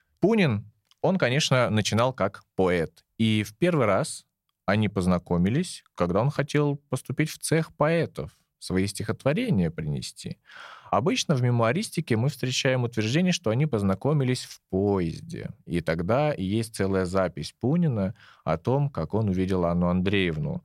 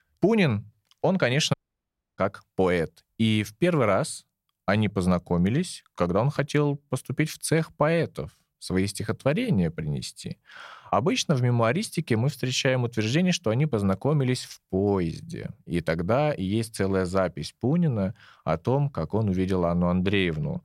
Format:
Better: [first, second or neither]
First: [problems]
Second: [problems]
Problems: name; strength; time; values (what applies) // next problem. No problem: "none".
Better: first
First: none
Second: audio cutting out; at 1.5 s for 0.5 s